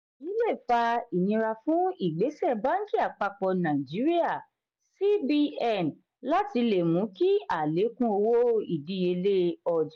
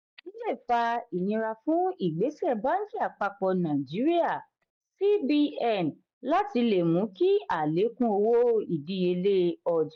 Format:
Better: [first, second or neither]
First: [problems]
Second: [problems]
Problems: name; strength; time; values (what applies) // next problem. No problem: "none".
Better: first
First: none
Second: noise reduction (neural mask model DeepFilterNet 3)